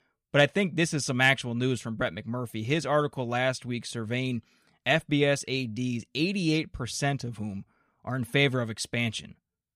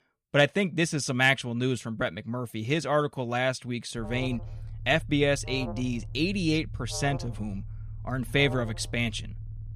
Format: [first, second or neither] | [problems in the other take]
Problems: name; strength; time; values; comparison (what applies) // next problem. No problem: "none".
first | alarm; faint; from 4 s on; peak 10 dB below the speech